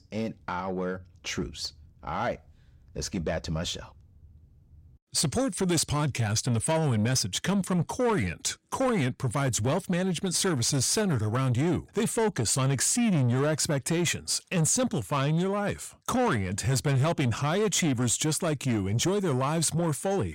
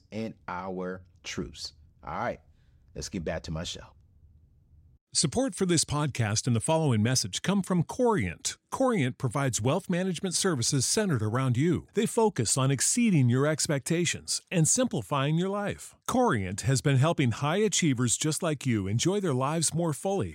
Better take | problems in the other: second | distortion; slight; 10 dB below the speech

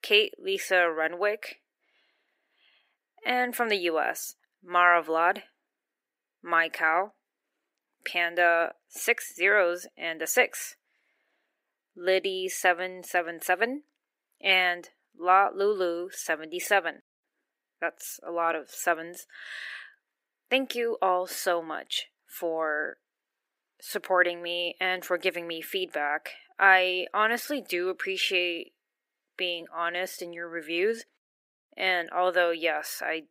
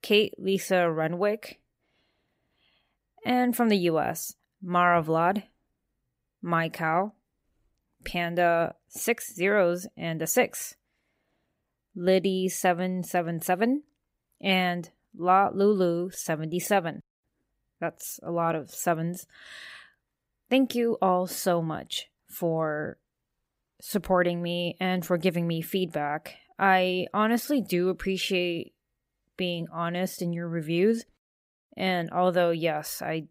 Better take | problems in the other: second | thin; very; fading below 300 Hz

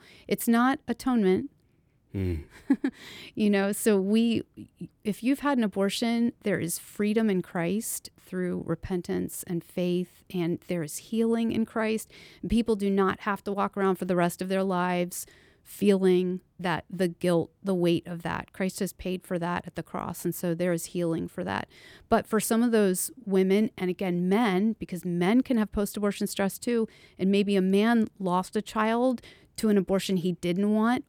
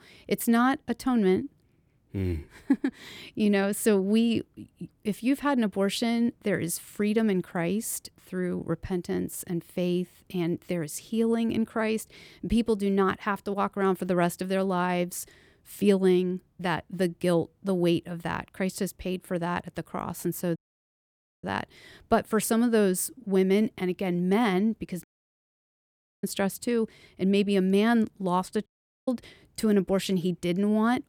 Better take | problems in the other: first | audio cutting out; at 21 s for 1 s, at 25 s for 1 s and at 29 s

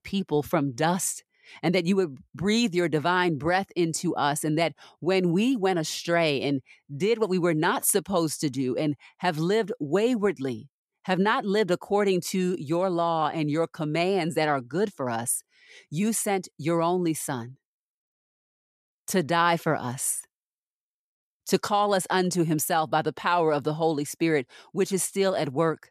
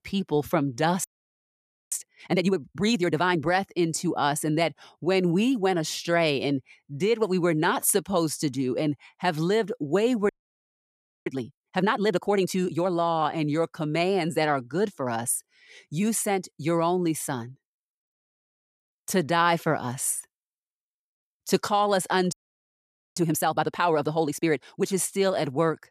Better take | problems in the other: first | audio freezing; at 1 s for 1 s, at 10 s for 1 s and at 22 s for 1 s

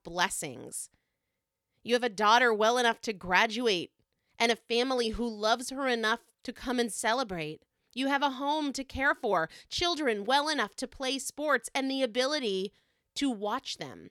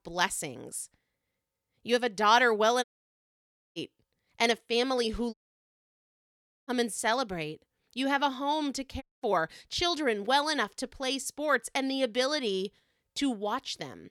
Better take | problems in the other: first | audio cutting out; at 3 s for 1 s, at 5.5 s for 1.5 s and at 9 s

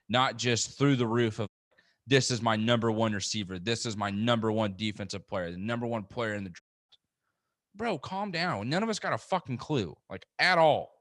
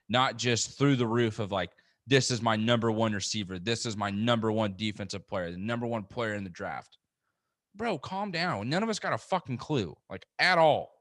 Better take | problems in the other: second | audio cutting out; at 1.5 s and at 6.5 s

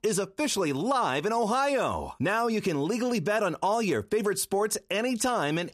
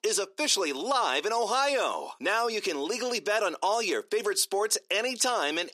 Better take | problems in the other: first | thin; somewhat; fading below 300 Hz

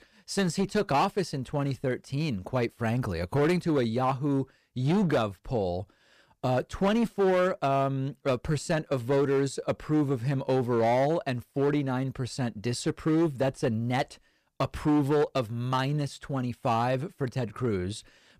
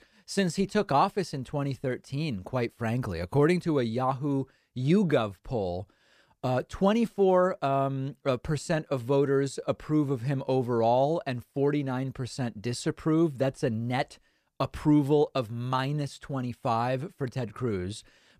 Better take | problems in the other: second | distortion; slight; 8% of the sound clipped

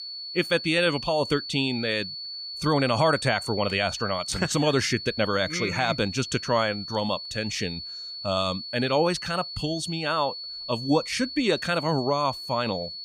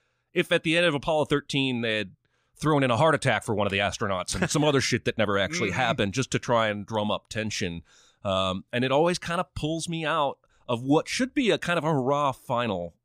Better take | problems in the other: second | high-pitched whine; loud; throughout; 4.5 kHz, 8 dB below the speech

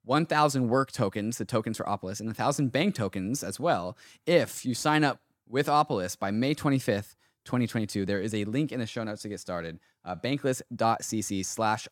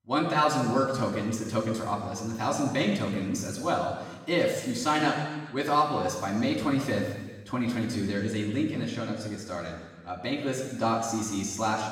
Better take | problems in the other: first | room echo; noticeable; dies away in 1.3 s // off-mic speech; far

